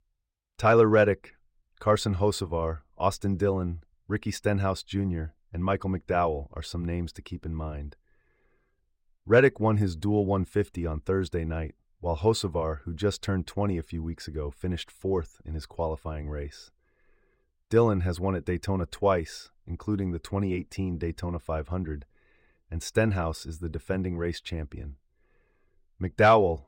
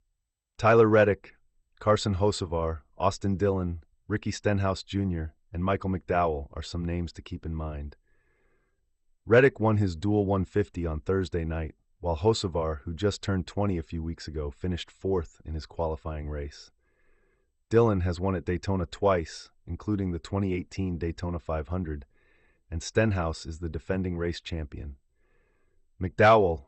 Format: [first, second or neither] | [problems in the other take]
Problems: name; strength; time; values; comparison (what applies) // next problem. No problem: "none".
first | garbled, watery; slightly; nothing above 8 kHz